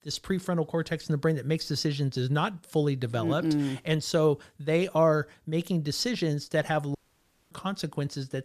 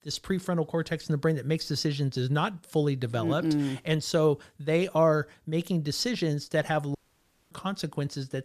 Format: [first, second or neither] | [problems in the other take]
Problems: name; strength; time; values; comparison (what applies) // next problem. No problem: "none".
neither | audio cutting out; at 7 s for 0.5 s; the same in both